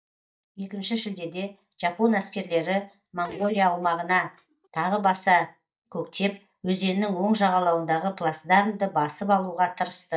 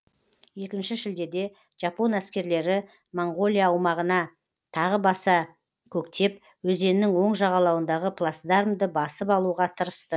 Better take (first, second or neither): second